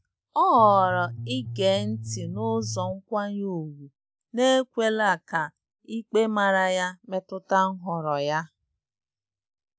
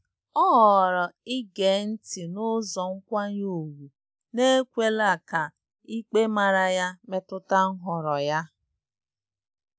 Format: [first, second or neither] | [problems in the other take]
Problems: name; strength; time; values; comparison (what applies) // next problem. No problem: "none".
second | background sound (Bass guitar); 9 dB below the speech